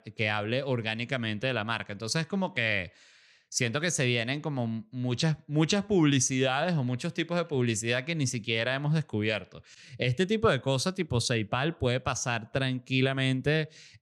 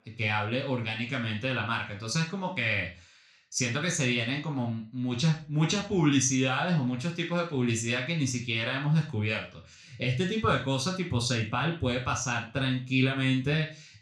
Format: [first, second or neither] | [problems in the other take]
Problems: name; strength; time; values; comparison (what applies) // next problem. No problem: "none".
first | room echo; slight; dies away in 0.3 s // off-mic speech; somewhat distant